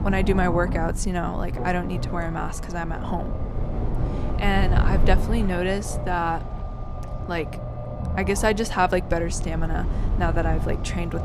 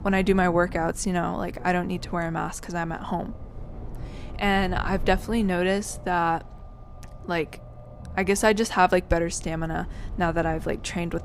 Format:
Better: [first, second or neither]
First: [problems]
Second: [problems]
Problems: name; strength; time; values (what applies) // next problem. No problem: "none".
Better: second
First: low rumble; loud; throughout; 10 dB below the speech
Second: low rumble; faint; throughout; 25 dB below the speech